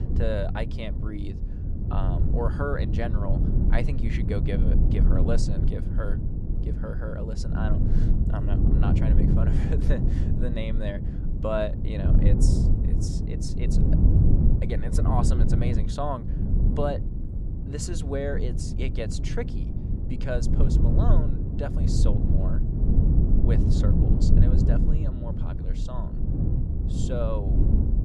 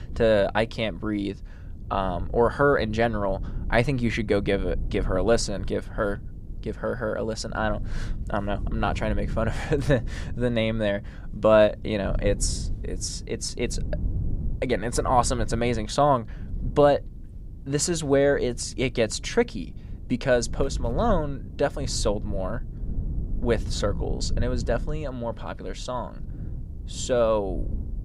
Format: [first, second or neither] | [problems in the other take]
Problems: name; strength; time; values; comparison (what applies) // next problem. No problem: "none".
second | low rumble; loud; throughout; 2 dB below the speech; faint in the second